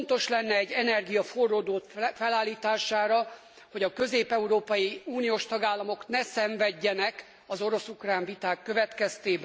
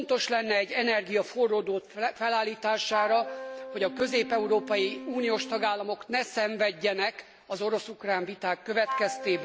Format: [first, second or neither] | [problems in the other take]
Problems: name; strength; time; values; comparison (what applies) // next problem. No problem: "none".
first | background sound (Wind instrument, woodwind instrument); 13 dB below the speech